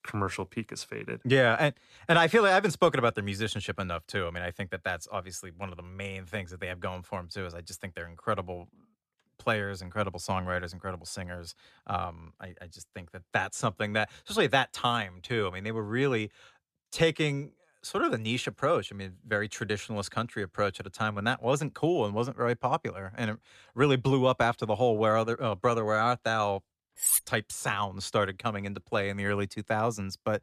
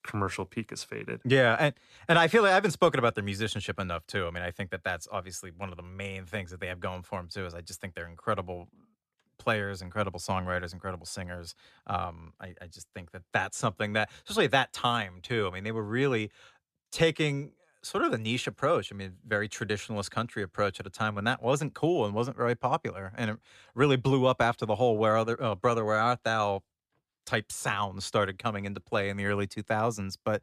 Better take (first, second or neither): second